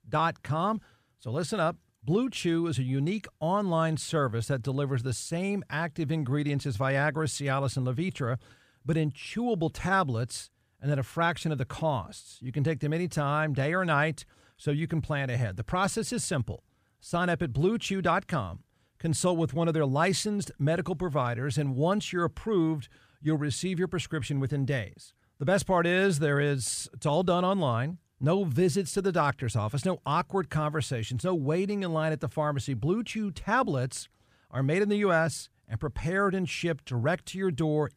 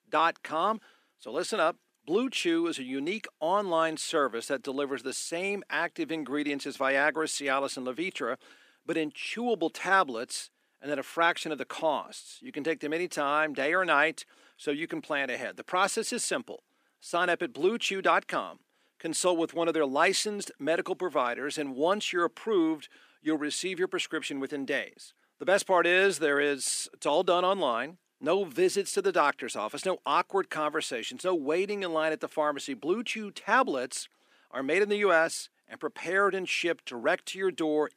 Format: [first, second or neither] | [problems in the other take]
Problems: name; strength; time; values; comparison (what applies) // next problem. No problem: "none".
first | thin; somewhat; fading below 250 Hz